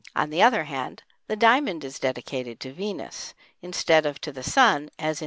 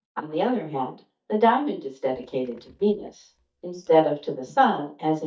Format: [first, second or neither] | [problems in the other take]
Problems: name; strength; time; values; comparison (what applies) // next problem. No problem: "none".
first | noise reduction (neural mask model DeepFilterNet 3)